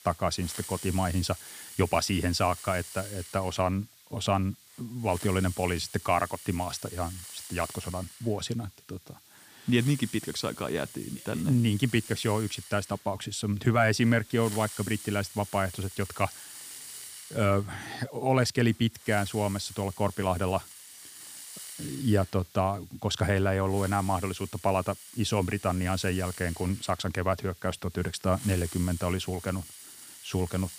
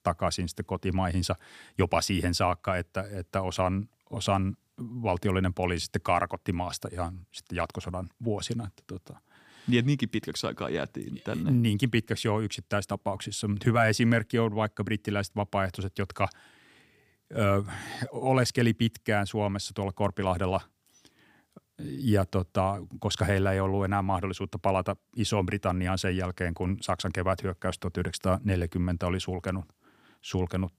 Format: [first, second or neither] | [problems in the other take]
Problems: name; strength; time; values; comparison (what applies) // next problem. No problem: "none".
second | hiss; noticeable; throughout; 15 dB below the speech